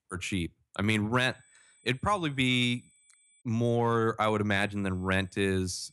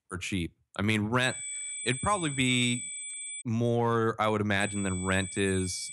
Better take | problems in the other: first | high-pitched whine; loud; from 1 to 3.5 s and from 4.5 s on; 8 kHz, 7 dB below the speech; faint in the first

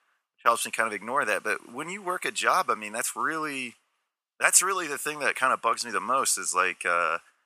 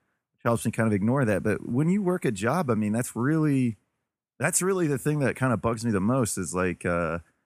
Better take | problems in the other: second | thin; very; fading below 800 Hz

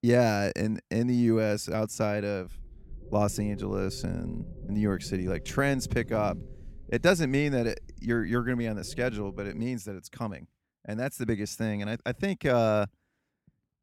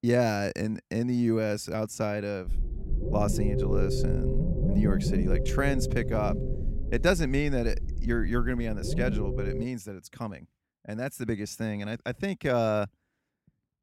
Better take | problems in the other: first | low rumble; loud; from 2.5 to 9.5 s; 6 dB below the speech; faint in the first

